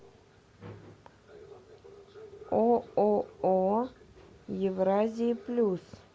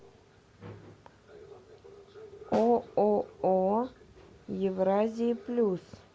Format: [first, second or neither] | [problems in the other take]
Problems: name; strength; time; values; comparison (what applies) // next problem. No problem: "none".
first | background sound (Snare drum); 14 dB below the speech